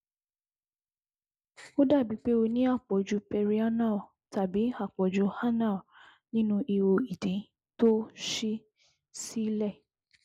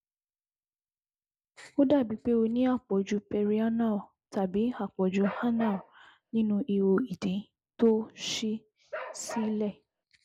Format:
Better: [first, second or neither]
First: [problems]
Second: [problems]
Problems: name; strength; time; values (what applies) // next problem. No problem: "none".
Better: first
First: none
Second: background sound (Bark); 12 dB below the speech